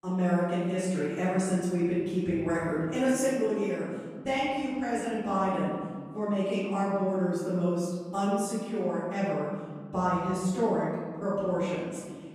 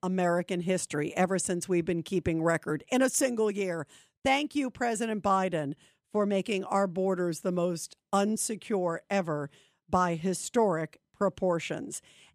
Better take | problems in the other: second | off-mic speech; far // room echo; strong; dies away in 1.8 s

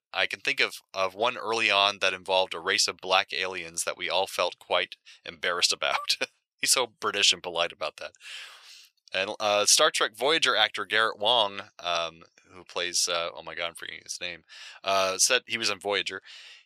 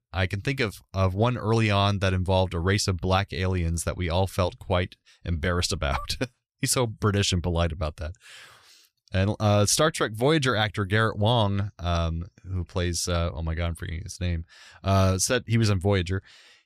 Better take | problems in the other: second | thin; very; fading below 600 Hz

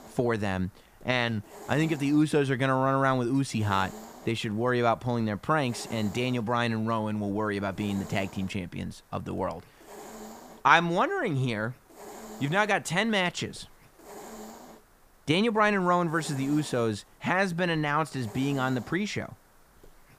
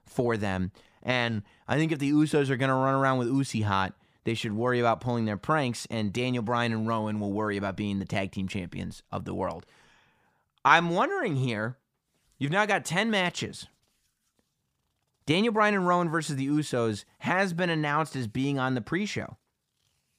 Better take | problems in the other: second | hiss; noticeable; throughout; 20 dB below the speech

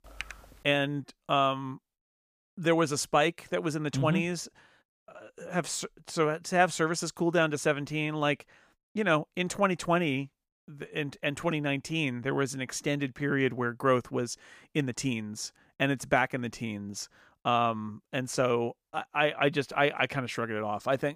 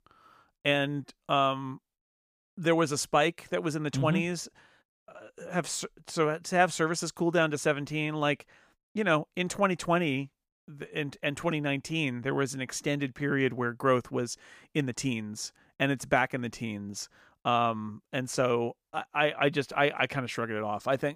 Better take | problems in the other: second | keyboard typing; faint; at the start; peak 10 dB below the speech

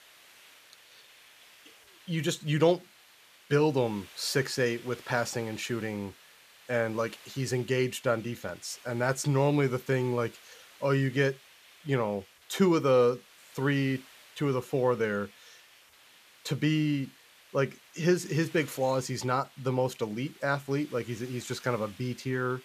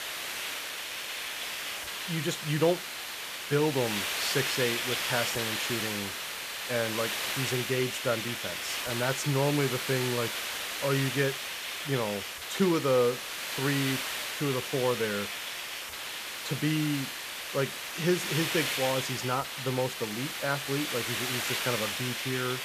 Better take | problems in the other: first | hiss; loud; throughout; 1 dB below the speech; faint in the first

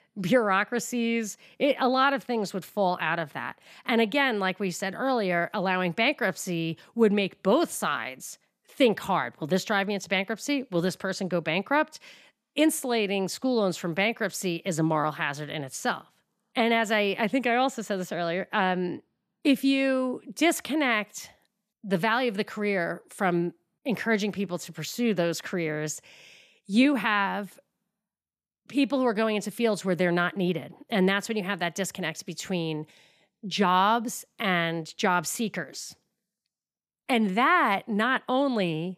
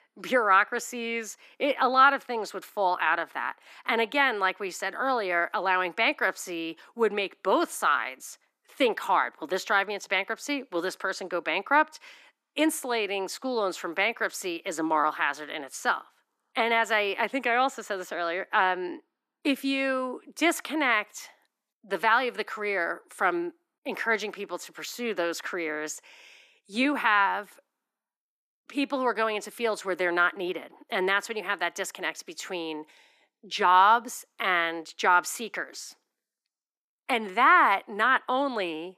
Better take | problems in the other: first | thin; somewhat; fading below 300 Hz

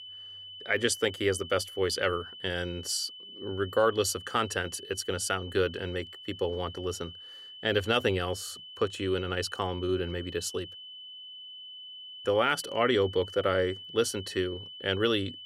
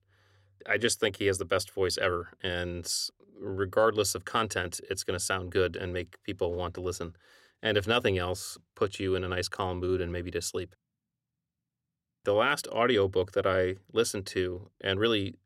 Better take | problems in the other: second | high-pitched whine; noticeable; throughout; 3 kHz, 15 dB below the speech

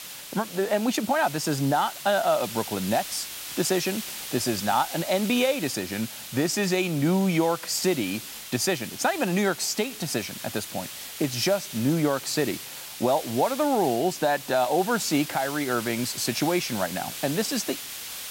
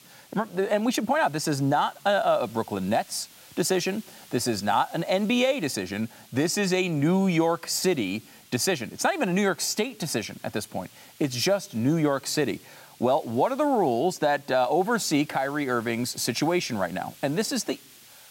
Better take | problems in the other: second | hiss; loud; throughout; 9 dB below the speech; faint in the second

